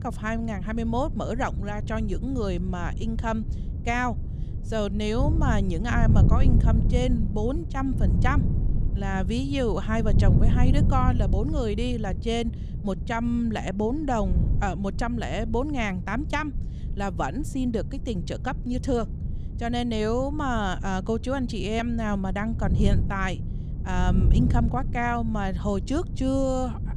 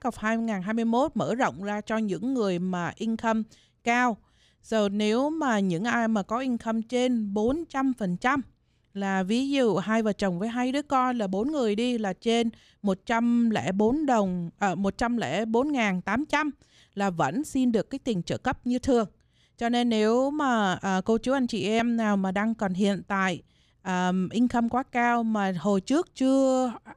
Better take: second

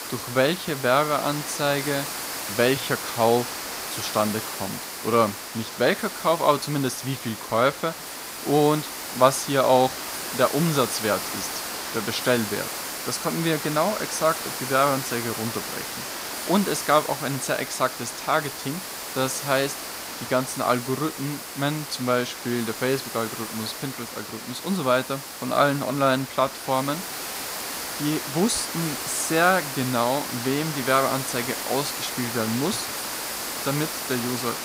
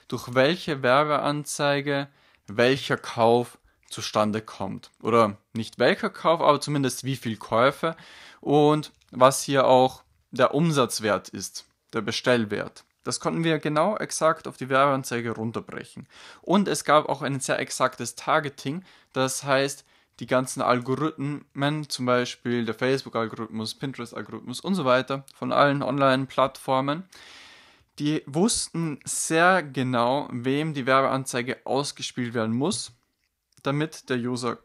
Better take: second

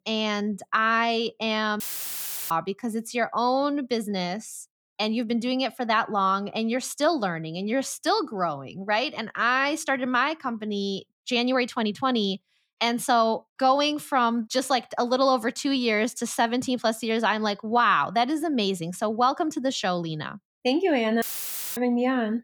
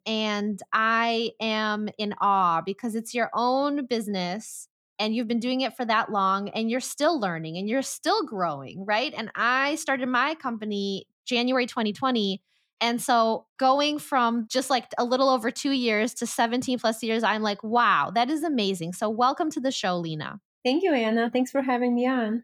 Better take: second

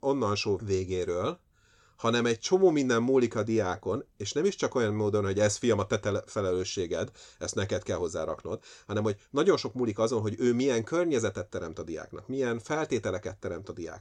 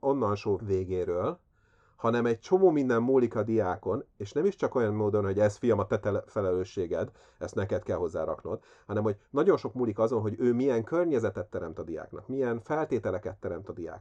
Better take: first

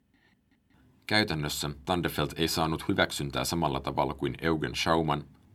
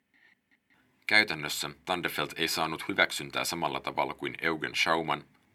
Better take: first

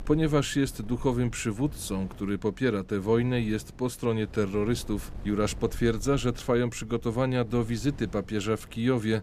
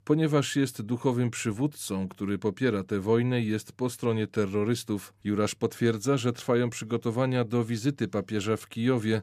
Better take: second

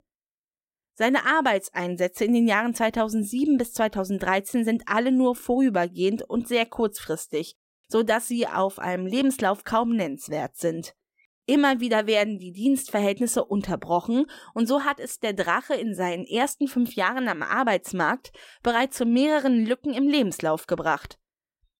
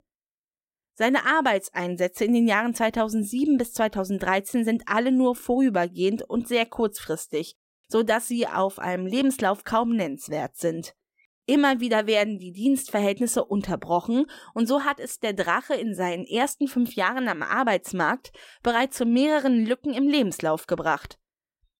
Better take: neither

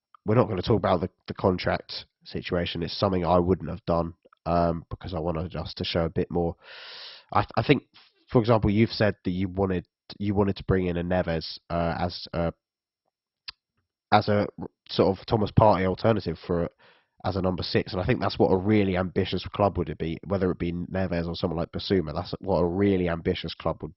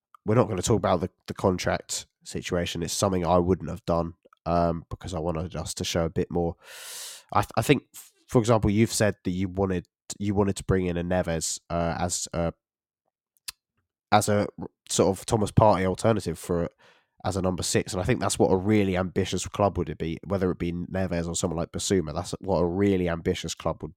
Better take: second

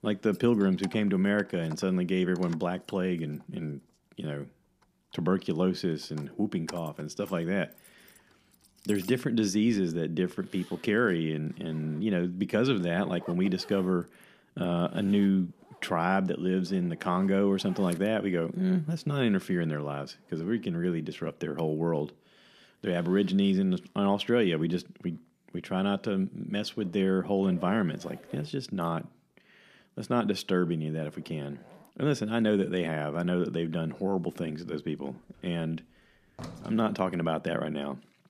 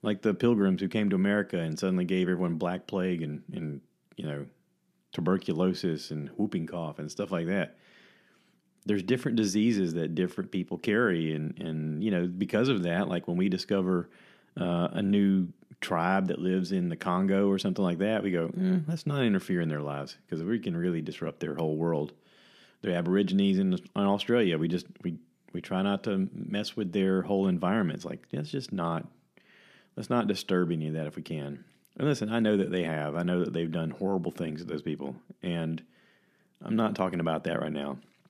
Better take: second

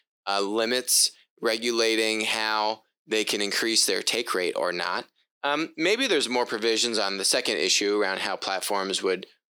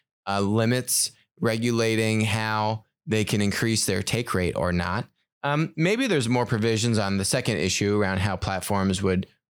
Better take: second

